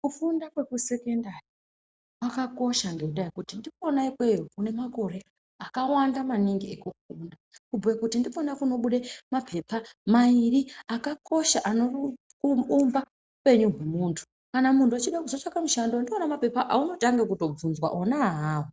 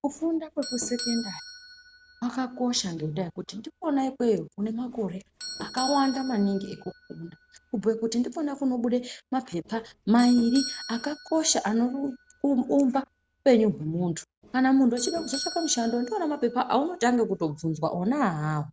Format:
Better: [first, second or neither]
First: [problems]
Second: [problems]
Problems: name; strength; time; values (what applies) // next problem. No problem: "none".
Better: first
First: none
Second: background sound (Doorbell); 16 dB below the speech